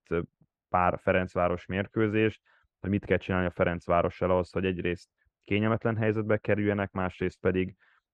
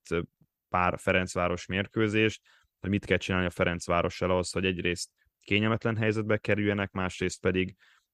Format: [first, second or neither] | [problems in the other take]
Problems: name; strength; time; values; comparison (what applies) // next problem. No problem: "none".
second | muffled; very; fading above 3.5 kHz